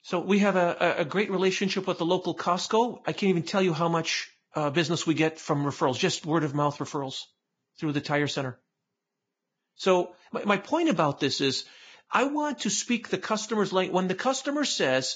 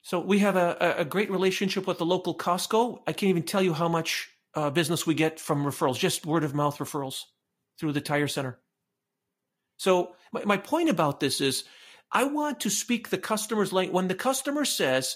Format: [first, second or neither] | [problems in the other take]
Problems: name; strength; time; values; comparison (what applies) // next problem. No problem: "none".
second | garbled, watery; badly; nothing above 7.5 kHz; slightly in the second